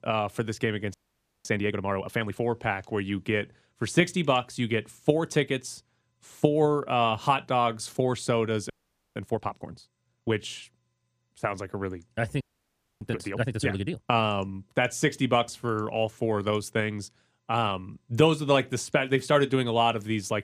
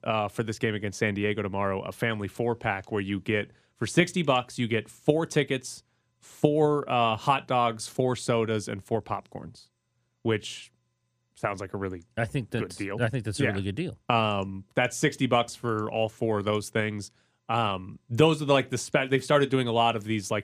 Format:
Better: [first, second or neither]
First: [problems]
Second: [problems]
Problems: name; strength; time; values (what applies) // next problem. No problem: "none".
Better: second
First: audio freezing; at 1 s for 0.5 s, at 8.5 s and at 12 s for 0.5 s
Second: none